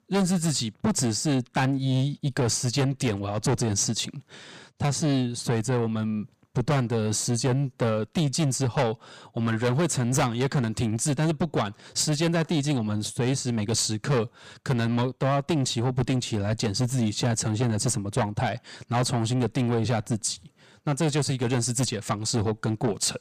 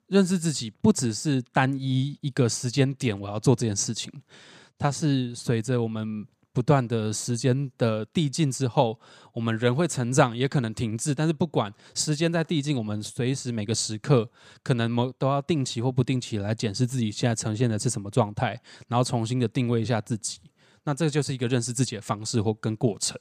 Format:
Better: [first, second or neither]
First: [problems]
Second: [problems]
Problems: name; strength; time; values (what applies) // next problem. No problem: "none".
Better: second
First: distortion; heavy; 7 dB below the speech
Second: none